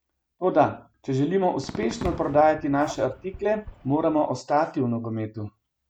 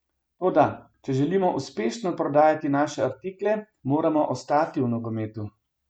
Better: second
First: background sound (Fireworks + Bark); 16 dB below the speech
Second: none

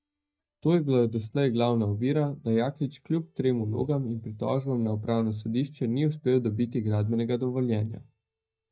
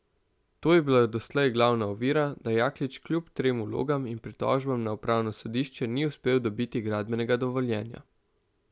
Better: second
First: noise reduction (neural mask model DeepFilterNet 3)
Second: none

